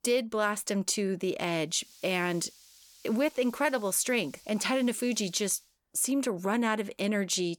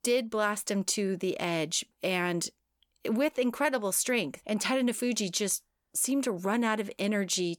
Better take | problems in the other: second | hiss; faint; from 2 to 5.5 s; 25 dB below the speech

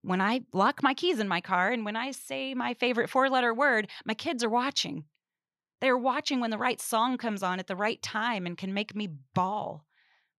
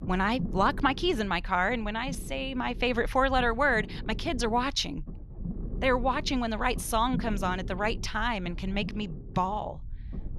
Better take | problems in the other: first | low rumble; faint; throughout; 20 dB below the speech

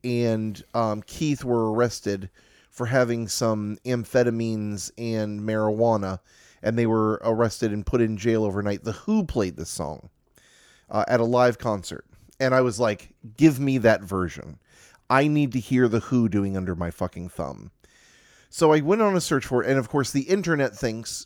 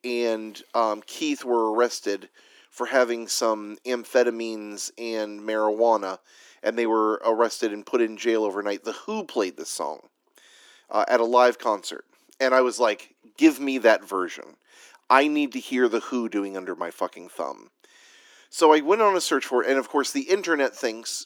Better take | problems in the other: first | thin; somewhat; fading below 300 Hz

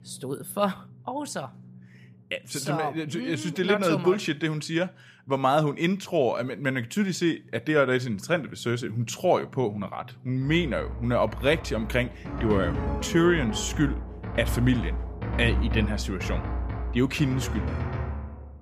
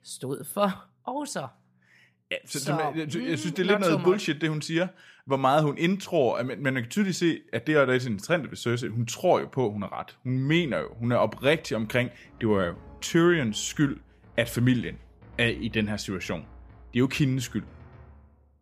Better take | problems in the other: second | background music; loud; throughout; 6 dB below the speech; faint in the second

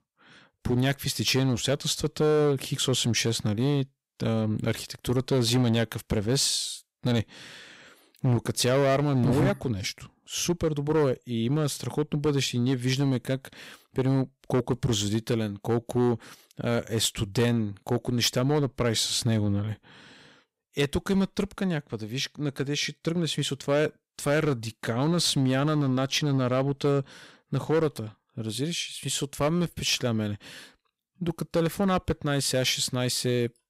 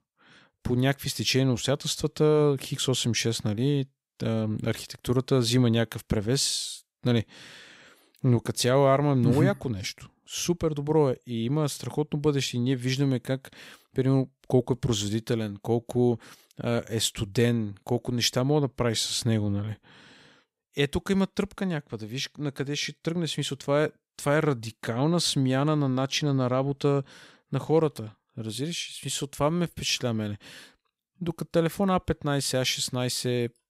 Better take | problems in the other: second | distortion; slight; 6% of the sound clipped

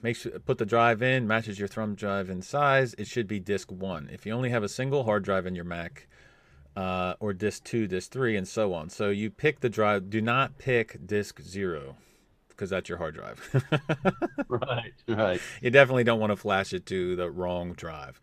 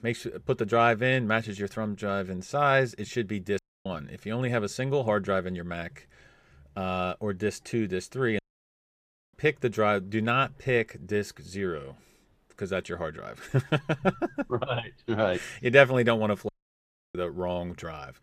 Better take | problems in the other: first | audio cutting out; at 3.5 s, at 8.5 s for 1 s and at 16 s for 0.5 s

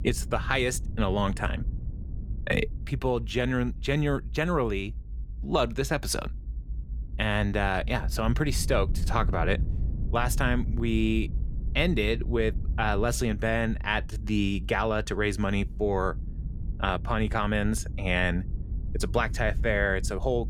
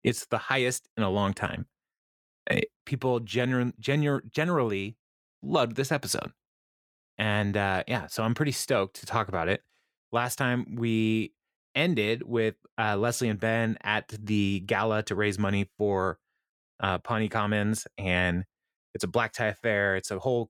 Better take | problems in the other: second | low rumble; faint; throughout; 20 dB below the speech

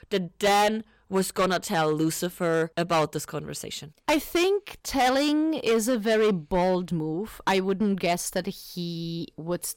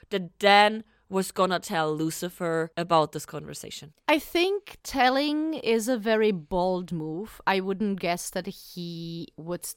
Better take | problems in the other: second | distortion; heavy; 8% of the sound clipped

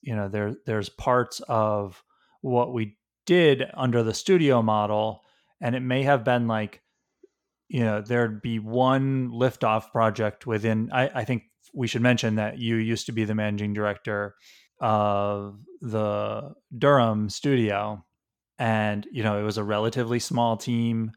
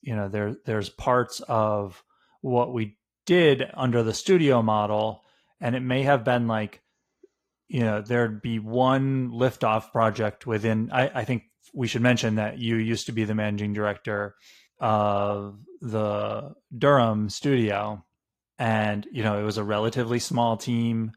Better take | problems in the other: first | garbled, watery; slightly; nothing above 14.5 kHz

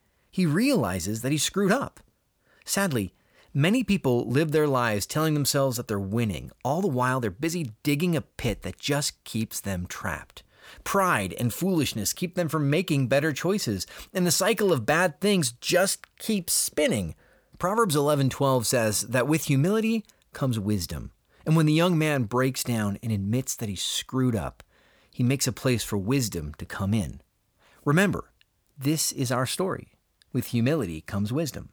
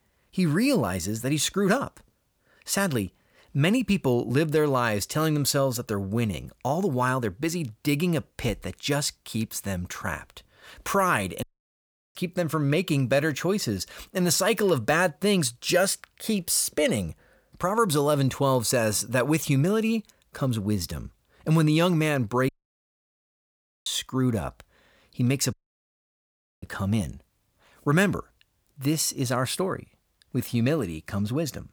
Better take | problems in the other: first | audio cutting out; at 11 s for 0.5 s, at 22 s for 1.5 s and at 26 s for 1 s

